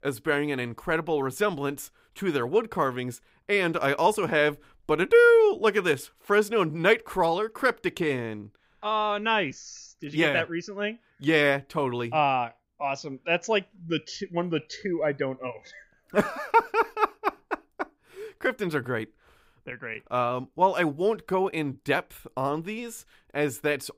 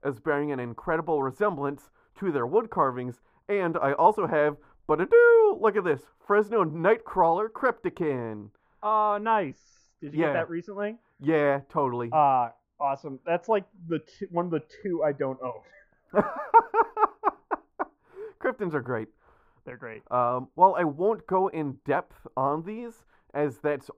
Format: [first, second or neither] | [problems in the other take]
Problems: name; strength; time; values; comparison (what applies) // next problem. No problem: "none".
first | muffled; very; fading above 2 kHz